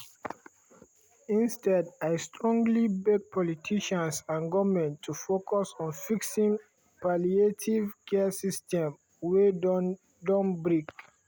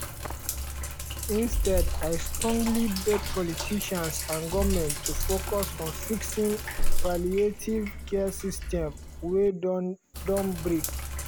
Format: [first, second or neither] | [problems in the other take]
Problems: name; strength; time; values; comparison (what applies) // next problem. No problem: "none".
first | background sound (Sink (filling or washing)); as loud as the speech